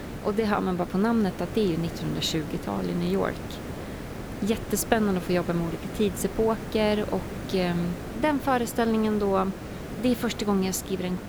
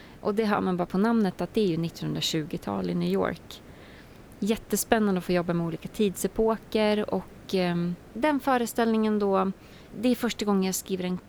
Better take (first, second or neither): second